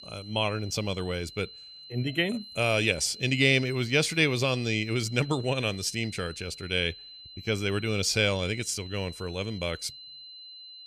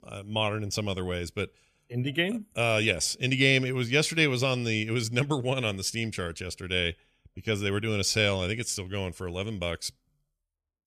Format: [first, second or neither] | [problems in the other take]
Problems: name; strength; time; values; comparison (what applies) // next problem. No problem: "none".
second | high-pitched whine; noticeable; throughout; 4 kHz, 15 dB below the speech